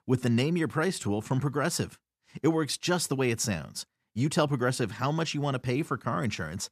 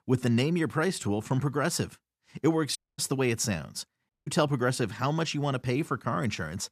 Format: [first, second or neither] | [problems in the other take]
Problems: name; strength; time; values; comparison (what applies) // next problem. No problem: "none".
first | audio cutting out; at 3 s and at 4 s